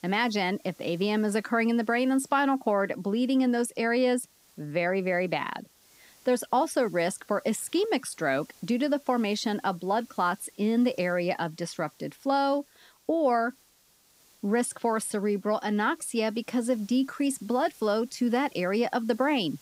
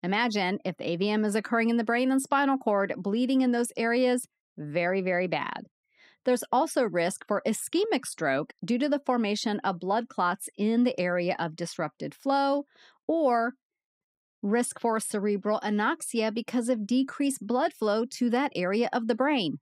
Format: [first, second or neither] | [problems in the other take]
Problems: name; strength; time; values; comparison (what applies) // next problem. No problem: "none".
second | hiss; faint; throughout; 30 dB below the speech